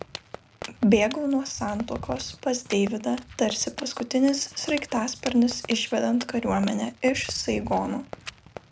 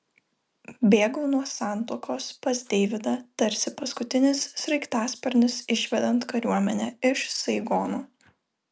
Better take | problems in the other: second | background sound (Fireworks + Walk, footsteps); 15 dB below the speech

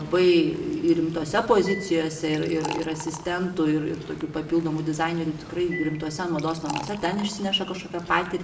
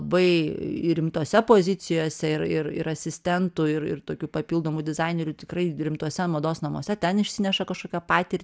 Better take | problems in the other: second | background sound (Liquid); 15 dB below the speech // room echo; dies away in 0.7 s

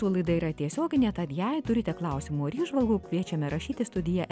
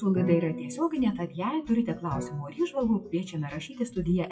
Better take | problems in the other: first | noise reduction (classical method WPE with log-MMSE)

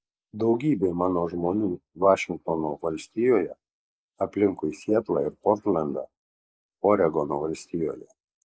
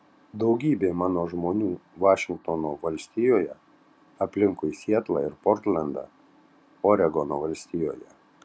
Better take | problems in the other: second | noise reduction (neural mask model Resemble Enhance denoiser)

